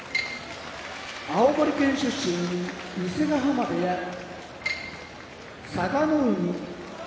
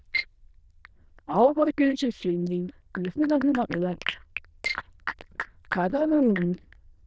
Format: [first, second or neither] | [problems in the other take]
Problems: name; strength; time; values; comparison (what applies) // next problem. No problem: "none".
first | noise reduction (neural diffusion model UNIVERSE++)